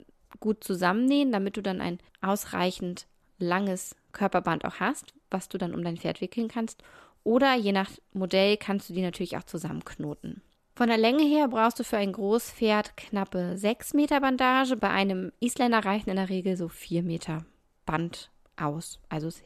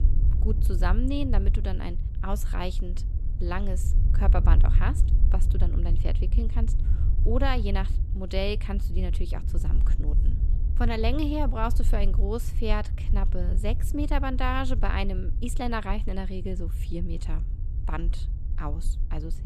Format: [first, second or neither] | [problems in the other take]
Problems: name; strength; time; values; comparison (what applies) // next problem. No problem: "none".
first | low rumble; noticeable; throughout; 15 dB below the speech